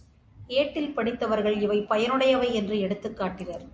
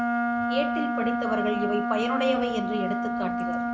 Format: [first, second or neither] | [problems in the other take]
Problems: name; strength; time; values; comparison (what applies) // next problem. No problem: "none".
first | background sound (Wind instrument, woodwind instrument); 3 dB above the speech